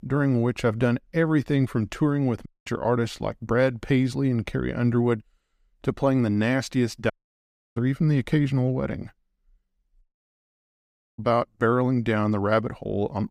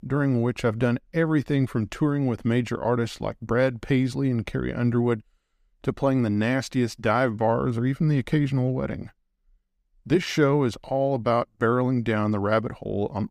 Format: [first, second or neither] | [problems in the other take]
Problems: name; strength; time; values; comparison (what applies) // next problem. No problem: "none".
second | audio cutting out; at 2.5 s, at 7 s for 0.5 s and at 10 s for 1 s